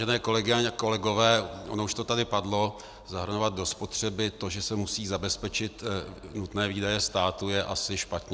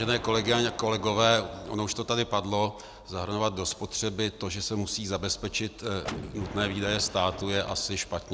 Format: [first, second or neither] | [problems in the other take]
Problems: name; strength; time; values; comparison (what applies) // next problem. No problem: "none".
first | background sound (Gunshot, gunfire); 15 dB below the speech